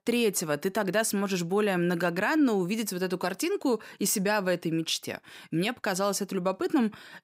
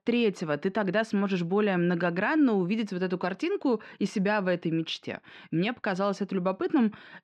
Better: first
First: none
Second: muffled; slightly; fading above 3.5 kHz

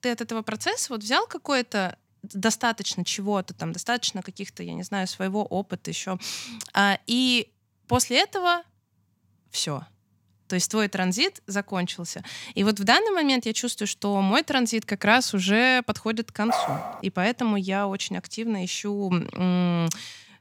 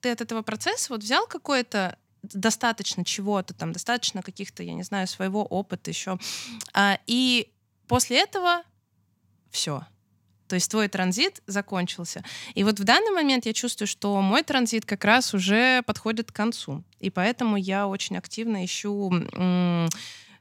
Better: second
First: dog barking; noticeable; at 16 s; peak 2 dB below the speech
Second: none

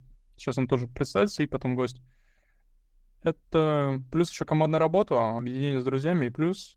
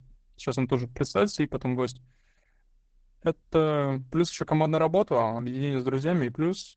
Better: first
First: garbled, watery; slightly; nothing above 17.5 kHz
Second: garbled, watery; badly; nothing above 8 kHz

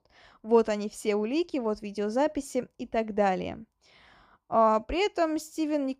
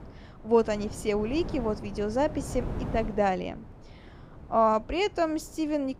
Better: first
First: none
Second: wind noise on the microphone; occasional gusts; 20 dB below the speech

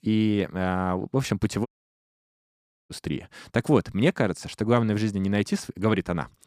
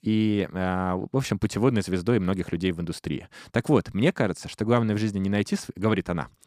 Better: second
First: audio cutting out; at 1.5 s for 1 s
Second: none

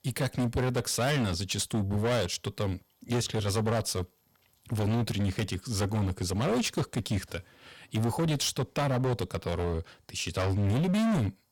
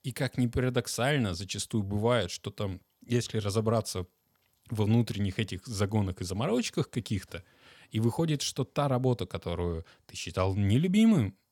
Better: second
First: distortion; heavy; 19% of the sound clipped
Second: none

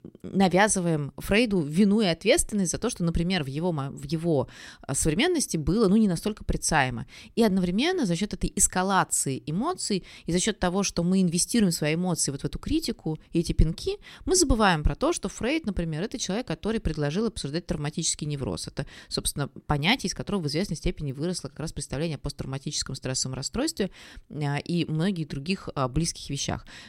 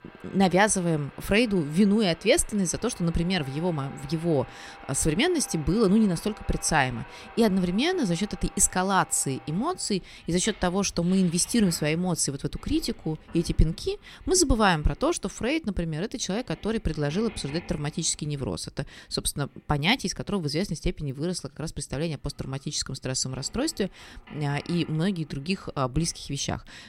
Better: first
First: none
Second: household noises; faint; throughout; 20 dB below the speech

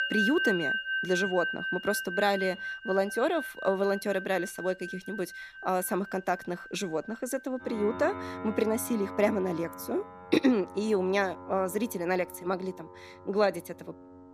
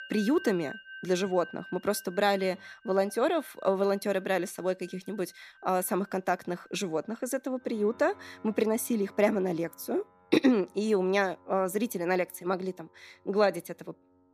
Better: second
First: background music; loud; throughout; 6 dB below the speech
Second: background music; faint; throughout; 20 dB below the speech

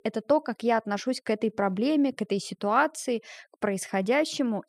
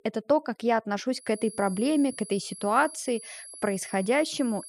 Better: first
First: none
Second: high-pitched whine; noticeable; from 1.5 s on; 11 kHz, 15 dB below the speech

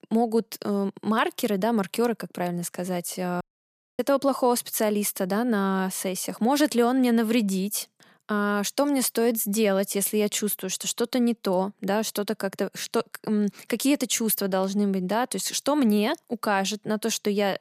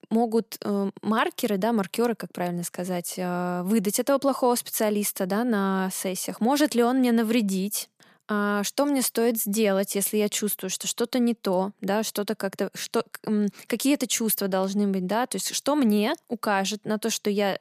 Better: second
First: audio cutting out; at 3.5 s for 0.5 s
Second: none

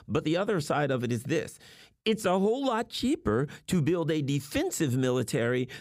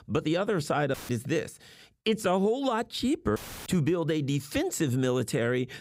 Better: first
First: none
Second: audio cutting out; filled with static; at 1 s and at 3.5 s

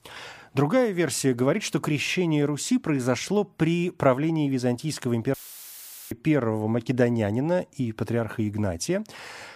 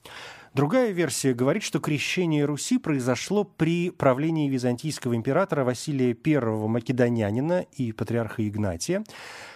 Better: second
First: audio cutting out; filled with static; at 5.5 s for 1 s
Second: none

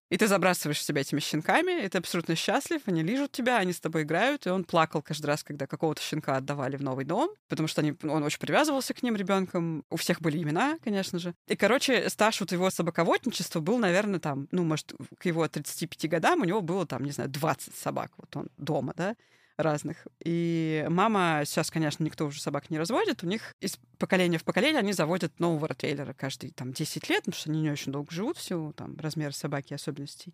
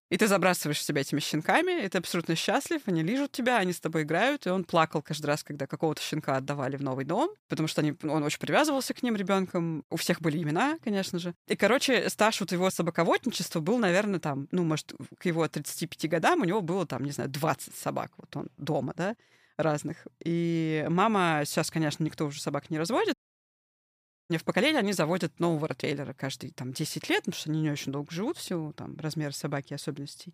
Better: first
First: none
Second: audio cutting out; at 23 s for 1 s

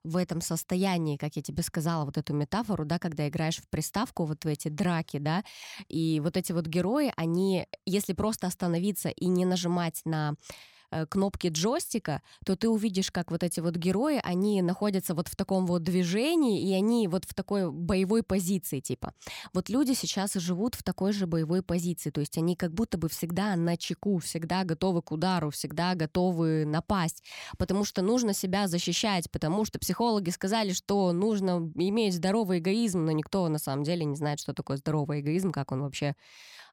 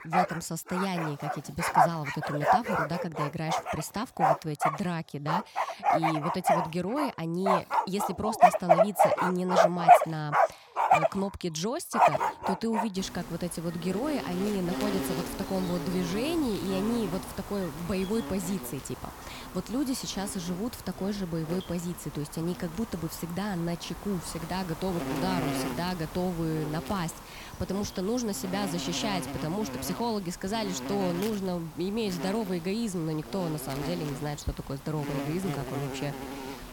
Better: first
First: none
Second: animal sounds; very loud; throughout; 3 dB above the speech

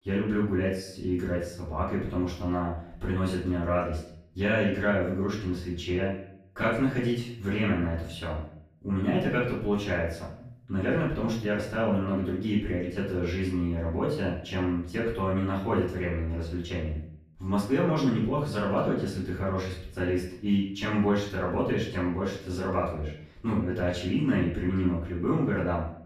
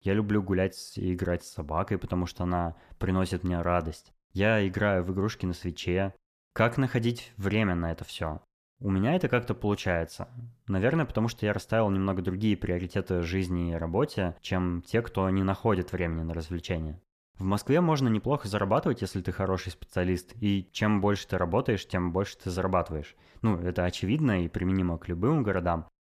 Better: second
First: off-mic speech; far // room echo; noticeable; dies away in 0.5 s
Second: none

